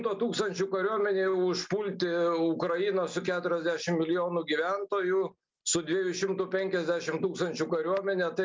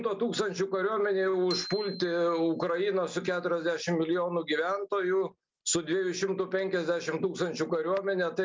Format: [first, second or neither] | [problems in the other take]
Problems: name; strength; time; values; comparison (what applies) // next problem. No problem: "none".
first | background sound (Bicycle bell); 16 dB below the speech